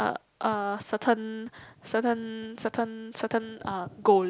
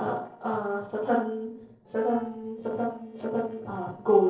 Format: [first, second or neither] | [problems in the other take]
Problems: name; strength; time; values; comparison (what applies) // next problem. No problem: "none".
first | noise reduction (neural separator model SepFormer DNS4)